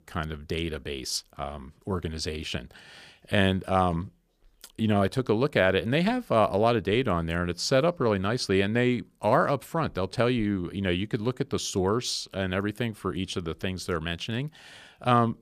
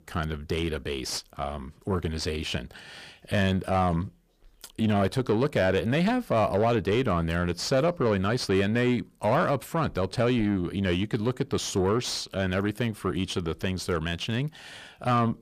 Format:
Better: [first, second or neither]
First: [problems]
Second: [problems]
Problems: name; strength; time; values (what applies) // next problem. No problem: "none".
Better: first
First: none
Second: distortion; slight; 10 dB below the speech